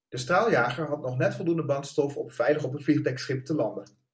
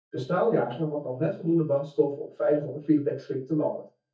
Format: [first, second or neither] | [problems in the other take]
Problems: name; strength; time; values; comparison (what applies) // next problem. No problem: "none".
first | noise reduction (neural mask model DeepFilterNet 3)